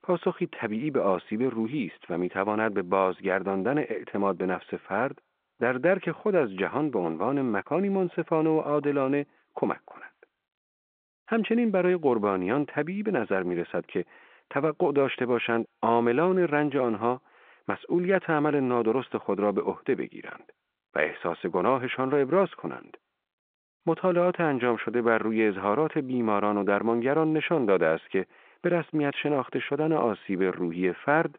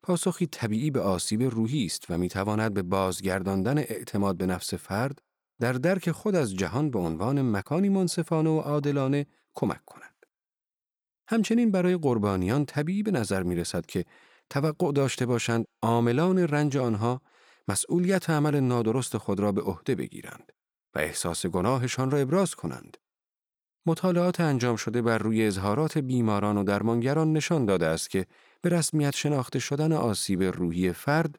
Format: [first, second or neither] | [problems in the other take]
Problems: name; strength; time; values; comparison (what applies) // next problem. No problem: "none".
second | phone-call audio